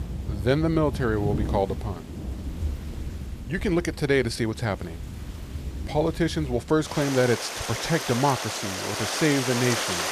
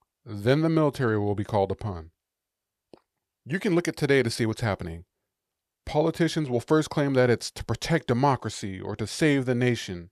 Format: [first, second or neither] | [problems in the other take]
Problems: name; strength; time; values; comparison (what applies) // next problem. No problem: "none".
second | rain or running water; loud; throughout; 6 dB below the speech